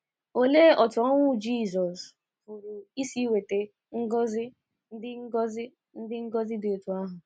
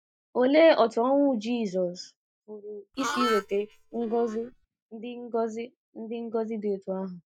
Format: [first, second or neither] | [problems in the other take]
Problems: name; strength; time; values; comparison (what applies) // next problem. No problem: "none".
first | noise reduction (neural mask model DeepFilterNet 3)